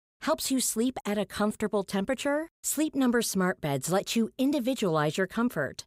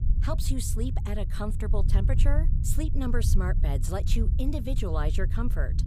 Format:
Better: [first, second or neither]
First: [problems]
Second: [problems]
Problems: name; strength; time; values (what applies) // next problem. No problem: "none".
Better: first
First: none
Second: low rumble; loud; throughout; 9 dB below the speech